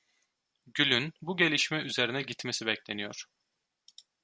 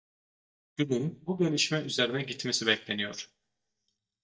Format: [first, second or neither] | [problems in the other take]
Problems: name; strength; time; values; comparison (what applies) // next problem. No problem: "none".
first | noise reduction (neural mask model DeepFilterNet 3)